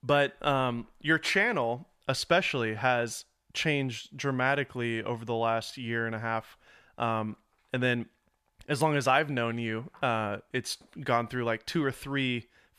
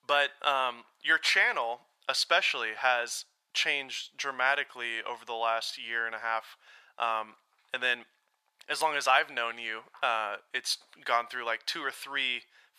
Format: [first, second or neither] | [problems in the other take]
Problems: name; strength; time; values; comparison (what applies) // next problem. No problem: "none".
first | thin; very; fading below 900 Hz